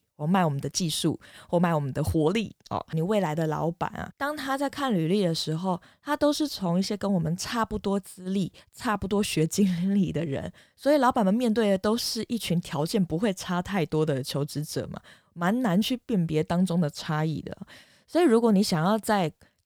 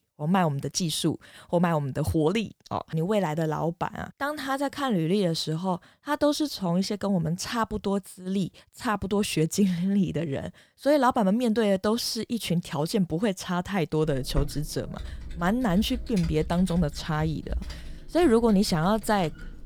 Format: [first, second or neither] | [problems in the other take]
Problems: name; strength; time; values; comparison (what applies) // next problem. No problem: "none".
first | keyboard typing; noticeable; from 14 s on; peak 8 dB below the speech